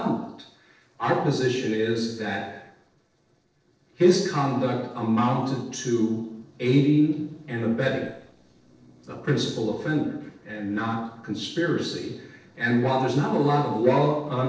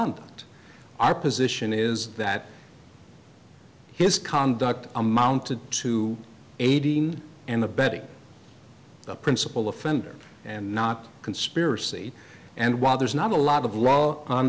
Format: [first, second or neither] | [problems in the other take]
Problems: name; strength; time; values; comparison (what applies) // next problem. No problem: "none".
second | noise reduction (neural separator model SepFormer DNS4)